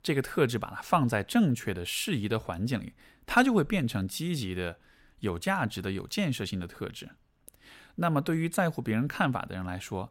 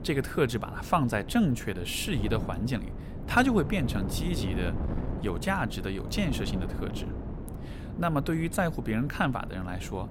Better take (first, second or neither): first